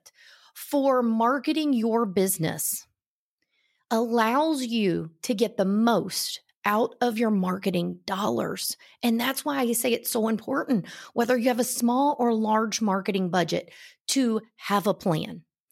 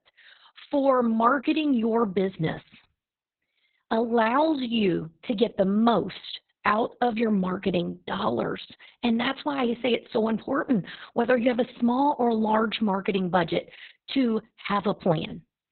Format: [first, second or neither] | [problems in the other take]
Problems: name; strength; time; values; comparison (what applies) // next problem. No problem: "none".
first | garbled, watery; badly; nothing above 4 kHz